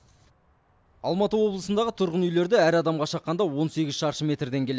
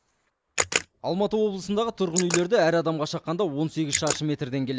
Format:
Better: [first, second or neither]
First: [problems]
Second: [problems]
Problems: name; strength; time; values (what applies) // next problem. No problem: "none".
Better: first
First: none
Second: noise reduction (neural mask model Resemble Enhance denoiser)